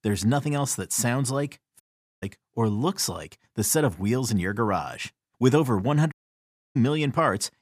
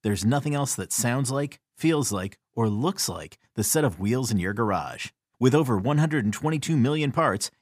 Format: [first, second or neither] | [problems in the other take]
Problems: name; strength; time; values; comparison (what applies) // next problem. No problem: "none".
second | audio cutting out; at 2 s and at 6 s for 0.5 s